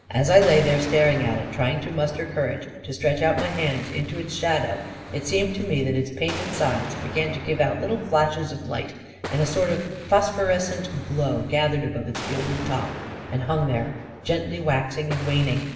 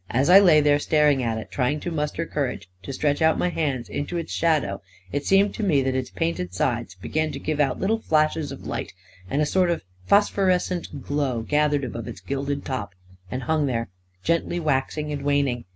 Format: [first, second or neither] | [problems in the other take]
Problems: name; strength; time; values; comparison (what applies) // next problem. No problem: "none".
second | background sound (Explosion); 13 dB below the speech // room echo; dies away in 1.2 s